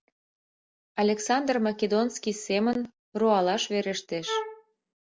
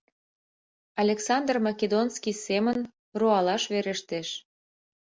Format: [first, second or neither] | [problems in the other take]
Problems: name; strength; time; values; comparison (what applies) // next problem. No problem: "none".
second | background sound (Wind instrument, woodwind instrument); 7 dB below the speech